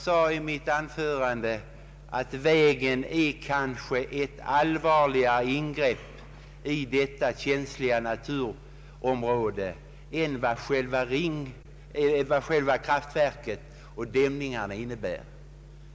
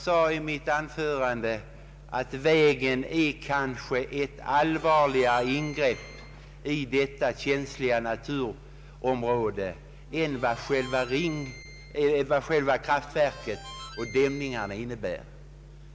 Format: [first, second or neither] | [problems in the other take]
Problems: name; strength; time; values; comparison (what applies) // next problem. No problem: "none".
first | background sound (Harmonica); 18 dB below the speech